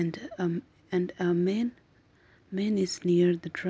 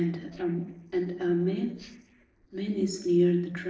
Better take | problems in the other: first | noise reduction (neural separator model SepFormer DNS4)

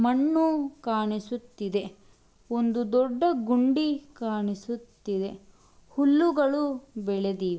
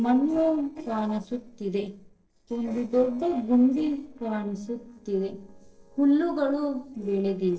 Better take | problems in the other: first | noise reduction (neural separator model SepFormer DNS4)

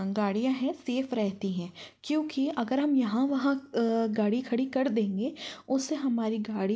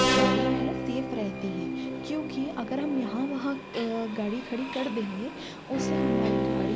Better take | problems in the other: first | background sound (Bowed string instrument + Subway, metro, underground); 2 dB above the speech

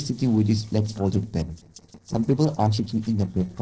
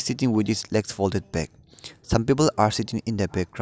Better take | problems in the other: second | noise reduction (neural separator model SepFormer DNS4)

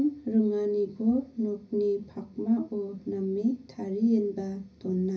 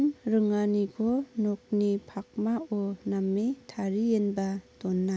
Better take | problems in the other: second | room echo; dies away in 0.4 s

